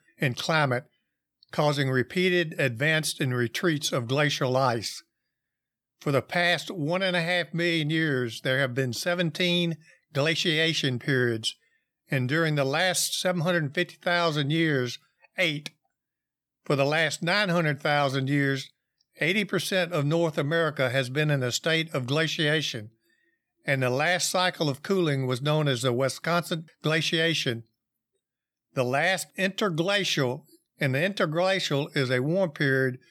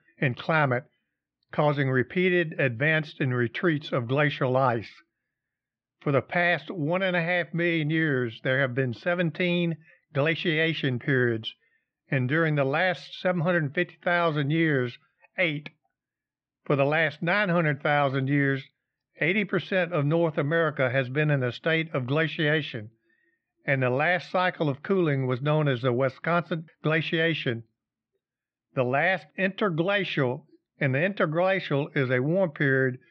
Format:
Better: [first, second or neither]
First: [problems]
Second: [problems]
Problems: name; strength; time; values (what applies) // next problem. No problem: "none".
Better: first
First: none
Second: muffled; very; fading above 3 kHz